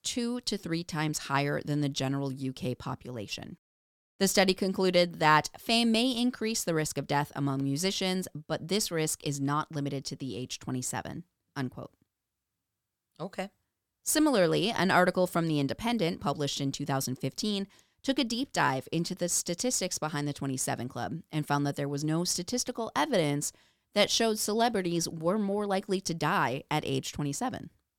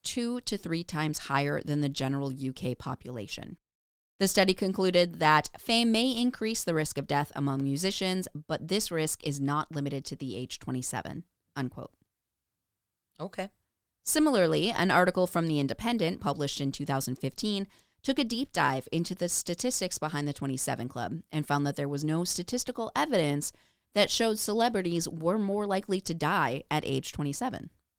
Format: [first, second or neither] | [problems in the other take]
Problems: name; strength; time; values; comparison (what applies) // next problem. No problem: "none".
first | garbled, watery; slightly; nothing above 18.5 kHz